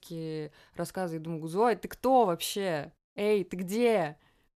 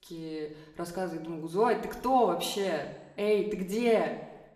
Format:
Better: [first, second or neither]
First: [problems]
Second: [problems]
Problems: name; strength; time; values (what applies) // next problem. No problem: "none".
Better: first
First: none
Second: room echo; slight; dies away in 0.8 s // off-mic speech; somewhat distant